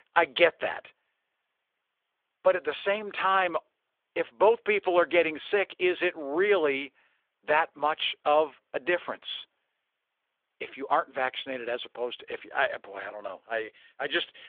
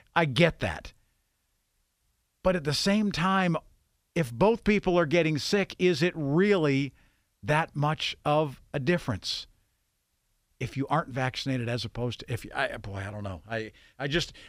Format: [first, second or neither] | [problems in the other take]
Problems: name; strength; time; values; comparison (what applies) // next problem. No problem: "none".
second | phone-call audio; nothing above 3.5 kHz